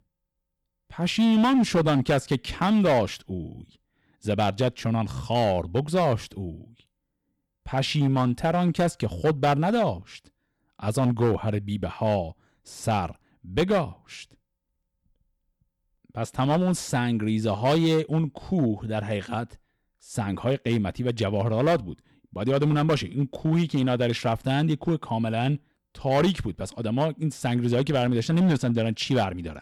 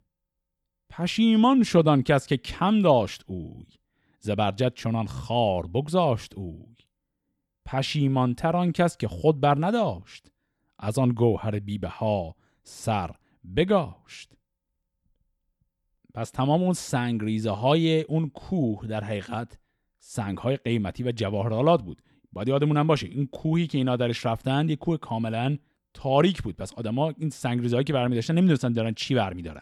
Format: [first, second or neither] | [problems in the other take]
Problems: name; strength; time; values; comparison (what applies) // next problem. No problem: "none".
second | distortion; slight; 5% of the sound clipped